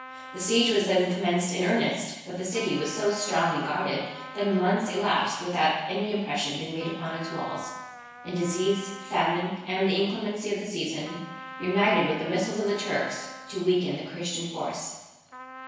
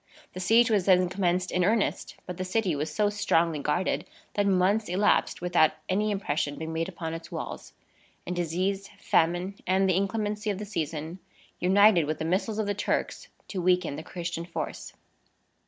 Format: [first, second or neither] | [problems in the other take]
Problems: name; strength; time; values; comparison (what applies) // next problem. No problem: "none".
second | background sound (Trumpet); 16 dB below the speech // room echo; dies away in 1.1 s